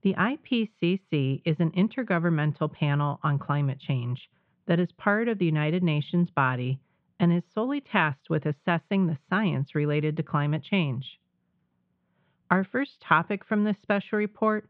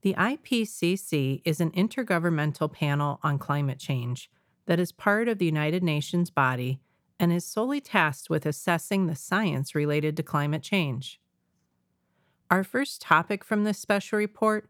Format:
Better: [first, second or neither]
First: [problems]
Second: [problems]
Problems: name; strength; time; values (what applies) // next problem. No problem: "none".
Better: second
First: muffled; very; fading above 3.5 kHz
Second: none